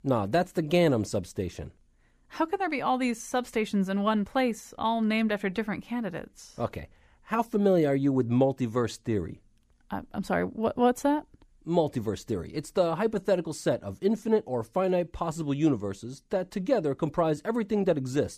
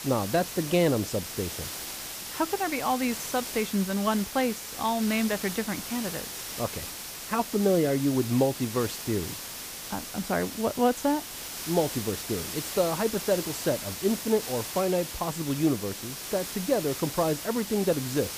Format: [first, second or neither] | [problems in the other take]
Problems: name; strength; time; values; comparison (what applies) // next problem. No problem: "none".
first | hiss; loud; throughout; 7 dB below the speech